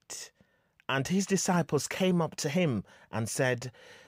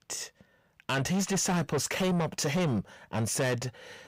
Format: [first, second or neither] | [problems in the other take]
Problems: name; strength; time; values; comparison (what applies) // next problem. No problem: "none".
first | distortion; heavy; 8 dB below the speech